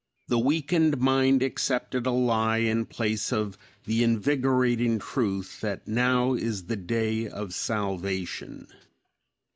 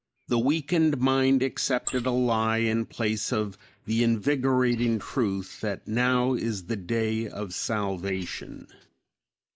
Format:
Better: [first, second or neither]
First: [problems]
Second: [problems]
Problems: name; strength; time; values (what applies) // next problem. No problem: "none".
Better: first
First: none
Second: noise reduction (neural mask model Resemble Enhance denoiser)